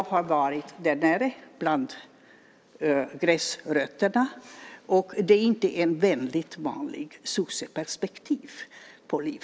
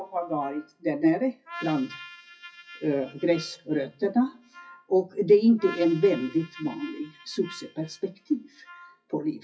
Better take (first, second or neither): first